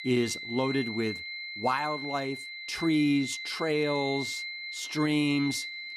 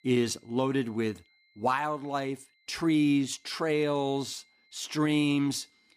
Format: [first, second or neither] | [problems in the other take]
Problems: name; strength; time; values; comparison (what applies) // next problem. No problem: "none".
second | high-pitched whine; loud; throughout; 2 kHz, 6 dB below the speech; faint in the second